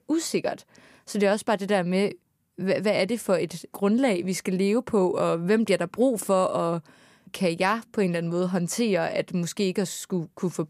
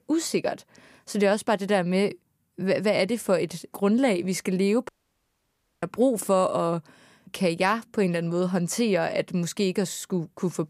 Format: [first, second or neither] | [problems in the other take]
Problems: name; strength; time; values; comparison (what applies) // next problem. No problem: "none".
first | audio cutting out; at 5 s for 1 s